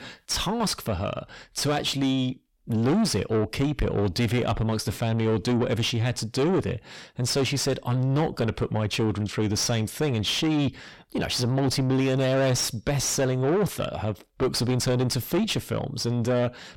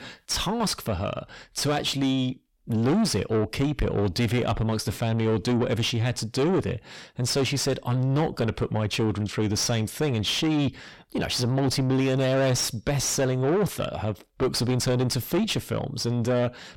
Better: neither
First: distortion; heavy; 6 dB below the speech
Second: distortion; heavy; 6 dB below the speech

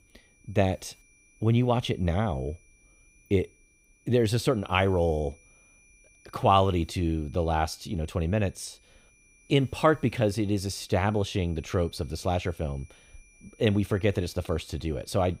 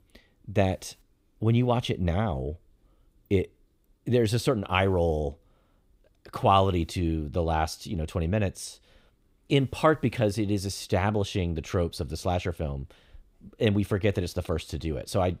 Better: second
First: high-pitched whine; faint; throughout; 2.5 kHz, 30 dB below the speech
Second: none

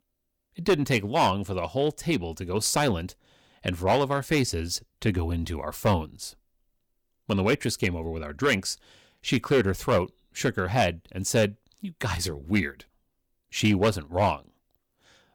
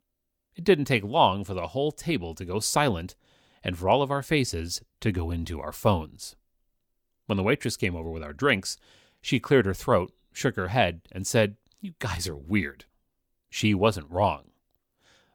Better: second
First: distortion; slight; 3% of the sound clipped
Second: none

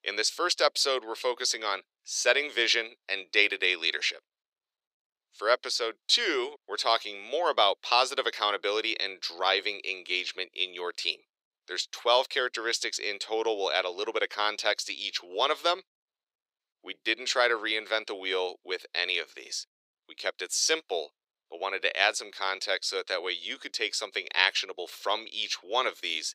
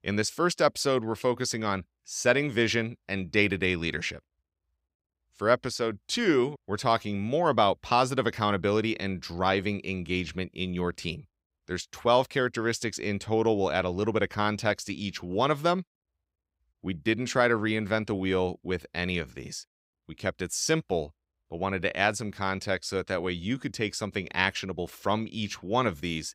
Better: second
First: thin; very; fading below 400 Hz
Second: none

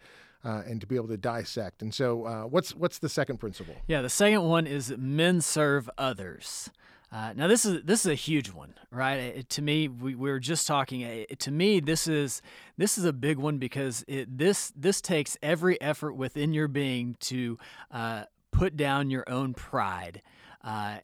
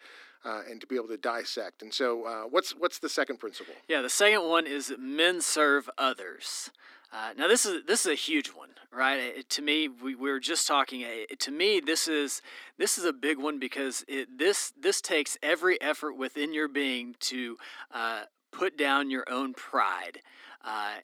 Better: first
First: none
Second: thin; somewhat; fading below 250 Hz

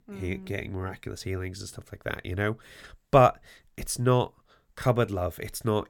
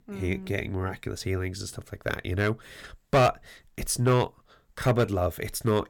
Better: first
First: none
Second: distortion; heavy; 3% of the sound clipped

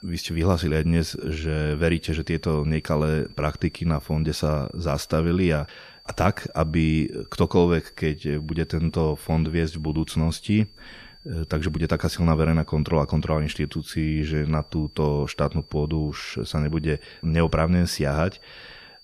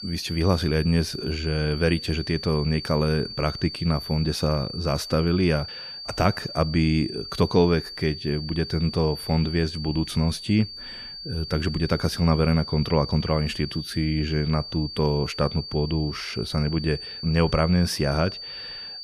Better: first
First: high-pitched whine; faint; throughout; 4.5 kHz, 25 dB below the speech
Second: high-pitched whine; loud; throughout; 4.5 kHz, 10 dB below the speech

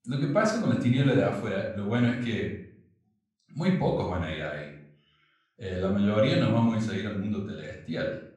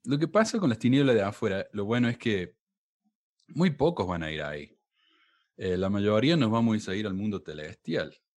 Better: second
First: off-mic speech; somewhat distant // room echo; noticeable; dies away in 0.5 s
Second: none

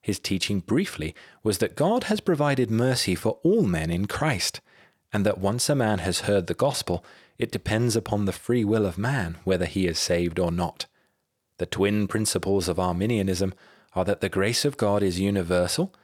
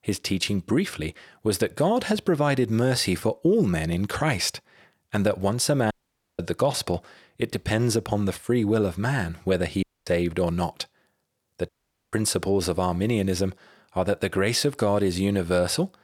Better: first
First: none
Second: audio cutting out; at 6 s, at 10 s and at 12 s

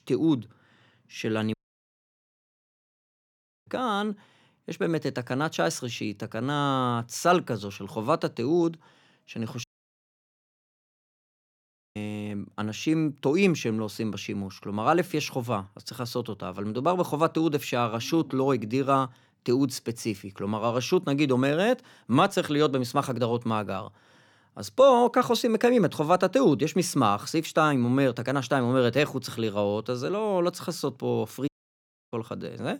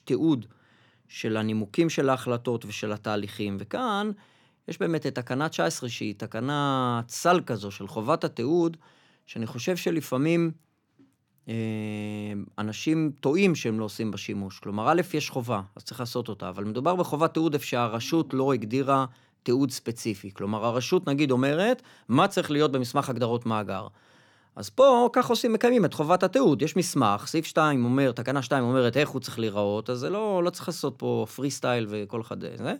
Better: second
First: audio cutting out; at 1.5 s for 2 s, at 9.5 s for 2.5 s and at 31 s for 0.5 s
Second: none

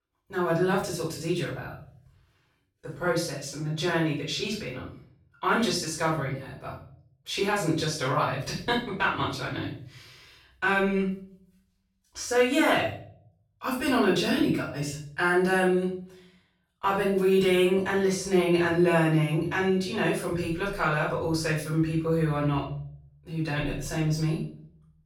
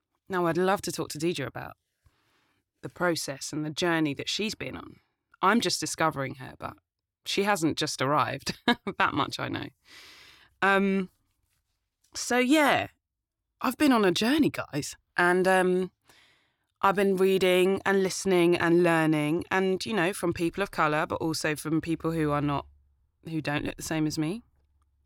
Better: second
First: off-mic speech; far // room echo; noticeable; dies away in 0.5 s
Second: none

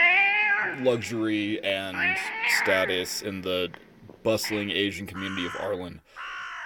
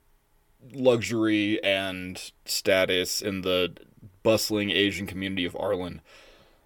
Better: second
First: animal sounds; very loud; throughout; 3 dB above the speech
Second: none

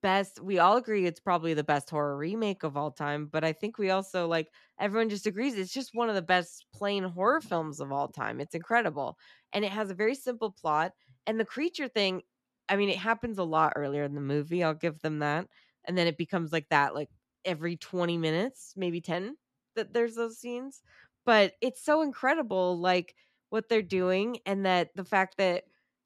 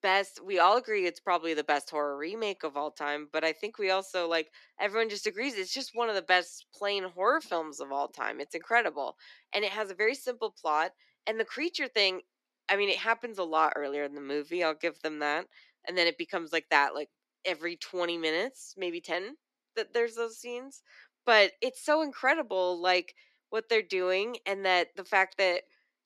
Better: first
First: none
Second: thin; somewhat; fading below 300 Hz

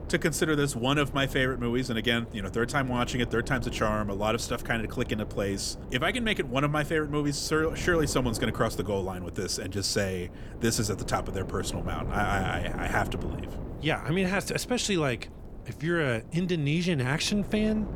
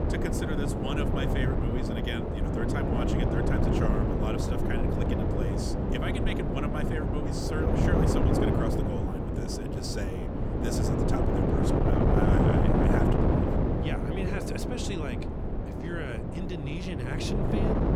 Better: first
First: wind noise on the microphone; occasional gusts; 15 dB below the speech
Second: wind noise on the microphone; heavy; 5 dB above the speech

